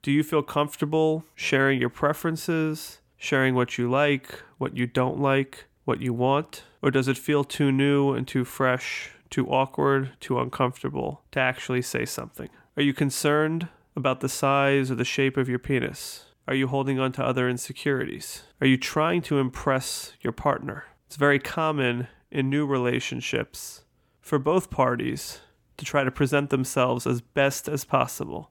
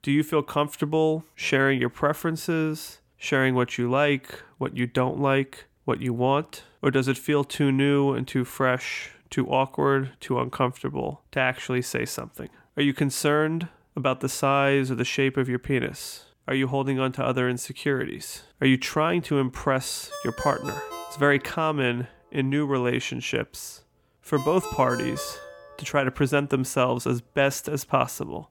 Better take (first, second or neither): first